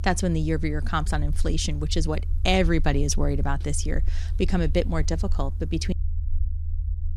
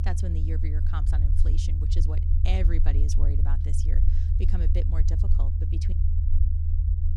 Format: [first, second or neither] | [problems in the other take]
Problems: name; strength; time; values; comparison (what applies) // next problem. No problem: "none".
first | low rumble; loud; throughout; 1 dB below the speech; faint in the first